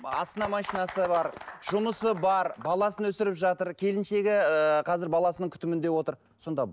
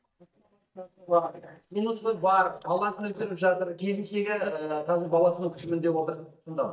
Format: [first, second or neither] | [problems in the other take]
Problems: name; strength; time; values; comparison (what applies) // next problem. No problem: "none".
first | noise reduction (neural mask model DeepFilterNet 3)